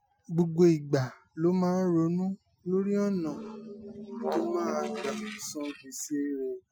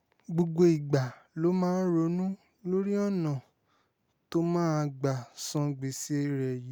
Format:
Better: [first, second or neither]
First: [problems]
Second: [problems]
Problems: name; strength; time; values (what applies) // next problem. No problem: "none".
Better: second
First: noise reduction (classical method Wiener filter)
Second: none